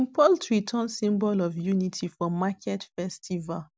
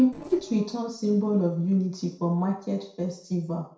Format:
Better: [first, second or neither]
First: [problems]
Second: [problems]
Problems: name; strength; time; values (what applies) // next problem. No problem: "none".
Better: first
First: none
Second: noise reduction (neural separator model SepFormer DNS4)